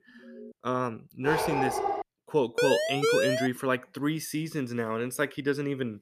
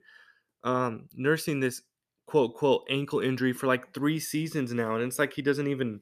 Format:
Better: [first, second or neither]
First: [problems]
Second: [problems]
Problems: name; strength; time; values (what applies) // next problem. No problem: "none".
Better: second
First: alarm; faint; at the start; peak 15 dB below the speech // dog barking; loud; at 1 s; peak 1 dB above the speech // siren; loud; at 2.5 s; peak 5 dB above the speech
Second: none